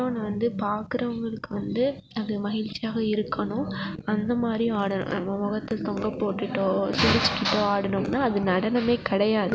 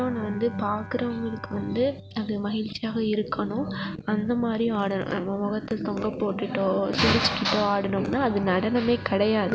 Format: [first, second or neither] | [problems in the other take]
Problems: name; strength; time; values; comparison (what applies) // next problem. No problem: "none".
first | background sound (Bowed string instrument); 19 dB below the speech